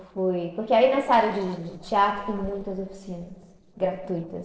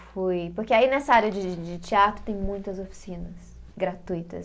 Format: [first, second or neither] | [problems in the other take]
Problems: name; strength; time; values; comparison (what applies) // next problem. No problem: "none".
second | noise reduction (neural separator model SepFormer DNS4)